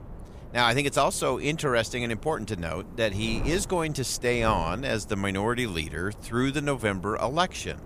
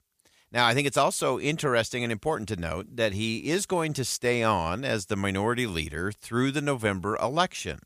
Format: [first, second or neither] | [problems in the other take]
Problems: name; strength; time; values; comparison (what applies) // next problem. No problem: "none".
second | wind noise on the microphone; occasional gusts; 20 dB below the speech